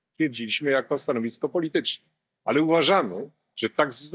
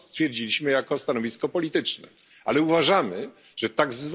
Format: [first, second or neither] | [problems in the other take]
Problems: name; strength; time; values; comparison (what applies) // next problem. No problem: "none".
second | noise reduction (neural mask model DeepFilterNet 3)